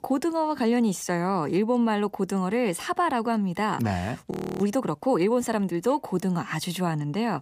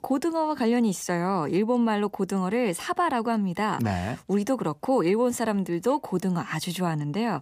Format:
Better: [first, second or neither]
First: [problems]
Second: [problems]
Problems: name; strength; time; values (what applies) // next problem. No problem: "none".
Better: second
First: audio freezing; at 4.5 s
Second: none